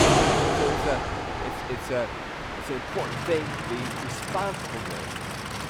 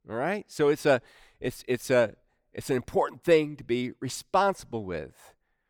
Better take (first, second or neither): second